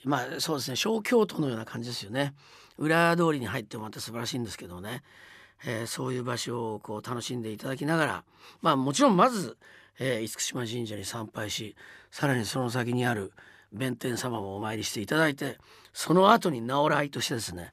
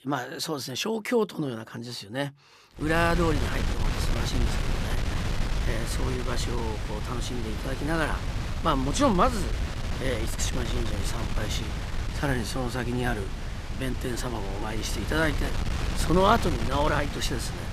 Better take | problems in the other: first | wind noise on the microphone; heavy; from 3 s on; 7 dB below the speech

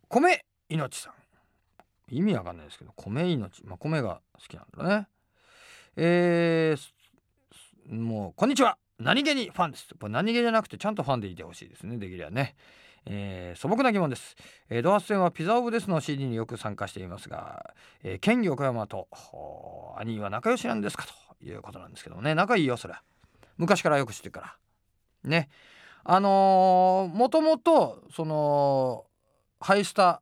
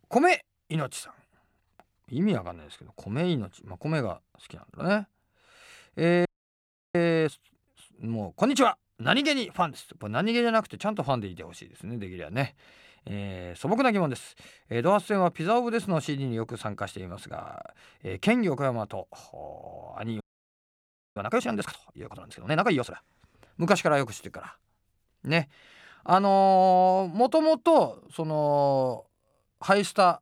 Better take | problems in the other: first | audio freezing; at 6.5 s for 0.5 s and at 20 s for 1 s

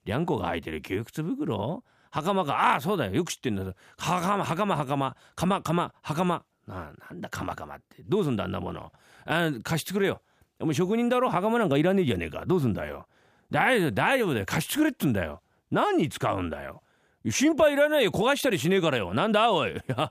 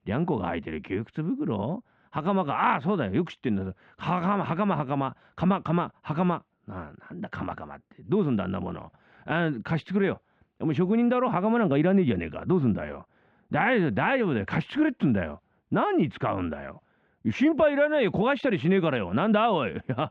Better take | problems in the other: first | muffled; very; fading above 2.5 kHz

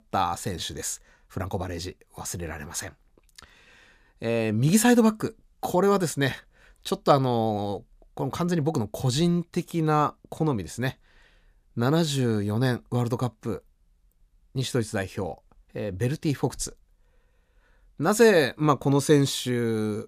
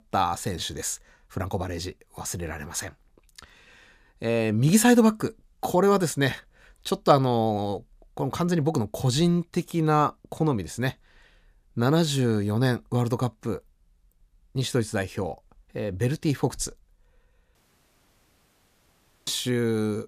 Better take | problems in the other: first | audio cutting out; at 18 s for 1.5 s

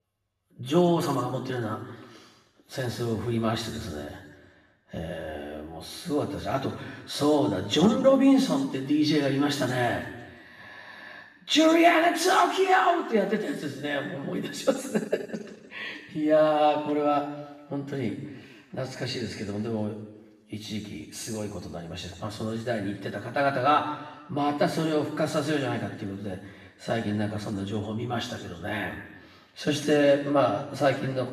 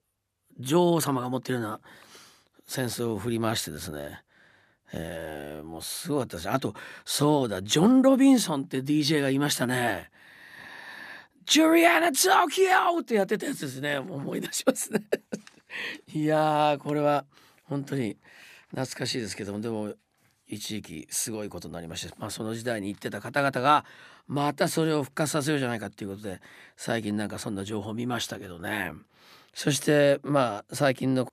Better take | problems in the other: second | room echo; noticeable; dies away in 1.1 s // off-mic speech; far

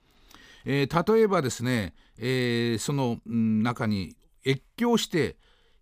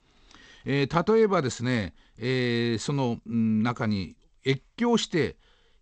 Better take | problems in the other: first | garbled, watery; slightly; nothing above 8 kHz

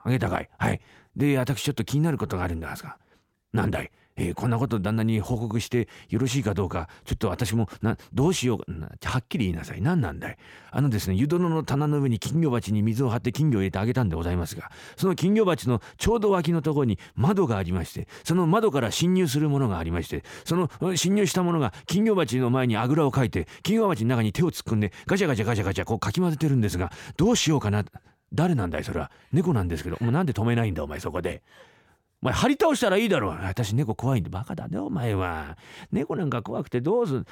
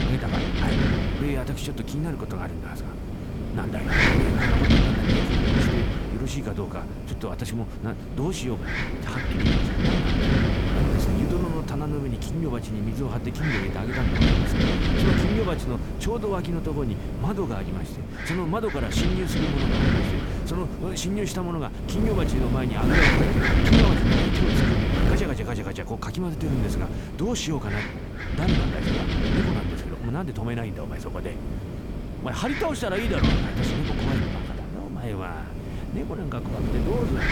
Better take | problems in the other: first | wind noise on the microphone; heavy; 5 dB above the speech

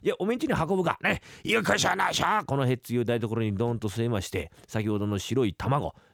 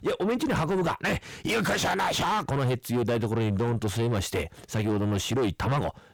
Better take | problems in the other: first | distortion; heavy; 7 dB below the speech

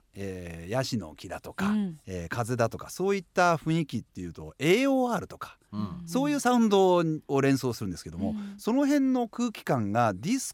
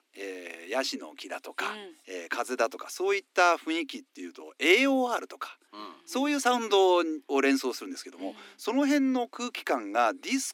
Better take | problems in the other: first | thin; very slightly; fading below 250 Hz

